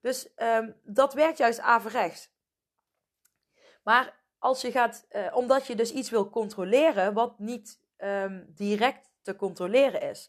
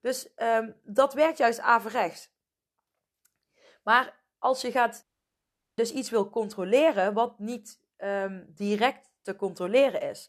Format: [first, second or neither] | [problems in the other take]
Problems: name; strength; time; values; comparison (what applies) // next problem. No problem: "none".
first | audio cutting out; at 5 s for 1 s